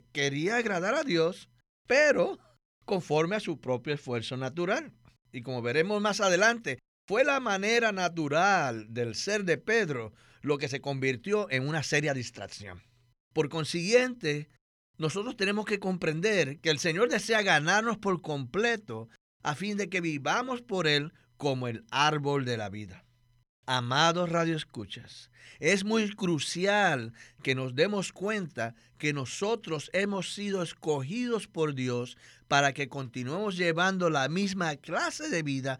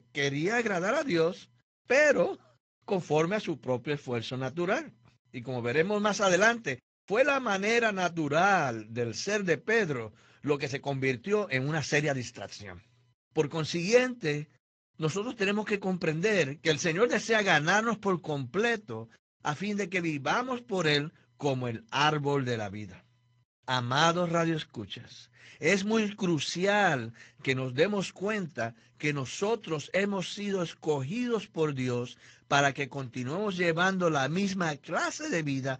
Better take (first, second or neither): first